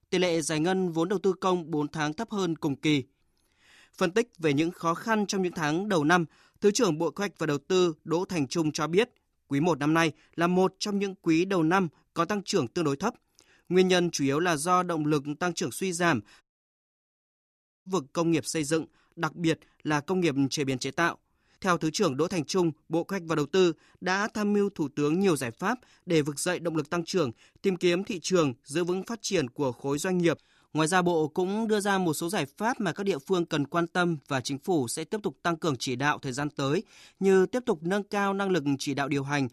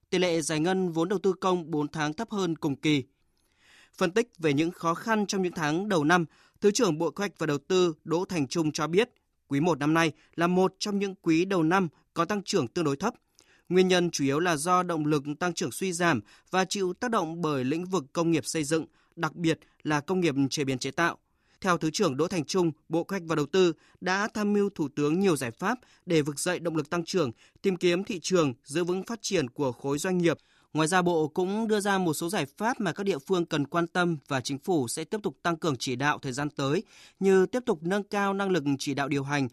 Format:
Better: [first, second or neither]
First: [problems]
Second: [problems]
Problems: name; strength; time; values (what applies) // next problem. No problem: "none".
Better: second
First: audio cutting out; at 16 s for 1.5 s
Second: none